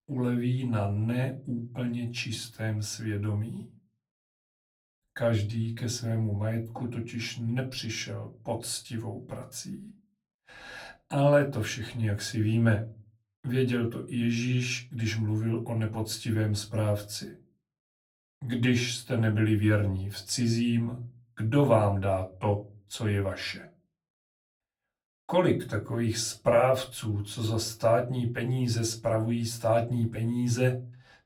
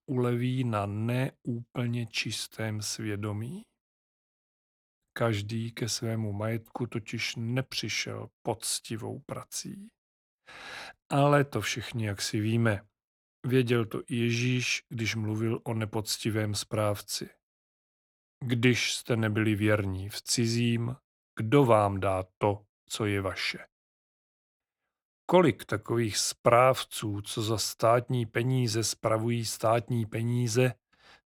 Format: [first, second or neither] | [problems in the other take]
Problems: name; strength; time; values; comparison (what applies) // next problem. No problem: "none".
second | off-mic speech; far // room echo; very slight; dies away in 0.3 s